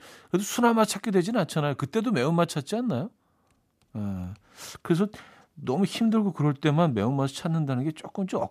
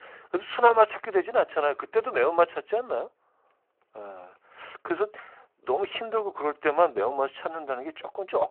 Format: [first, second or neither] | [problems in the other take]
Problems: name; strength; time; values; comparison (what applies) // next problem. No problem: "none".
first | phone-call audio